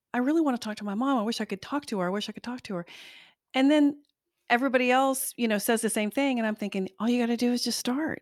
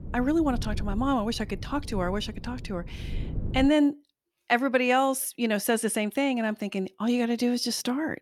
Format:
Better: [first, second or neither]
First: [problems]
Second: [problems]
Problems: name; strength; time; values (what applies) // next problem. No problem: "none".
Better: first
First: none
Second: low rumble; faint; until 3.5 s; 20 dB below the speech